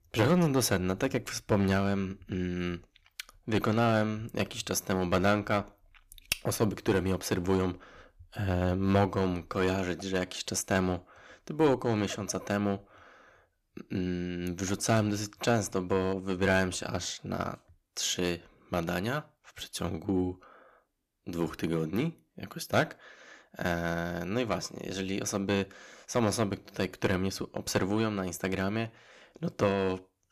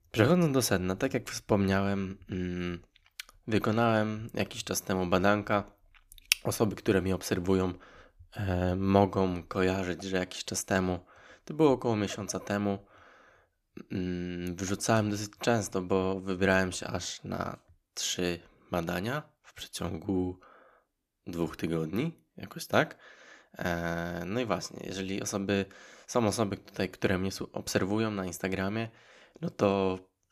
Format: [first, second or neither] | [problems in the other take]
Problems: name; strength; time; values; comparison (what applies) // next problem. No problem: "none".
second | distortion; slight; 1.8% of the sound clipped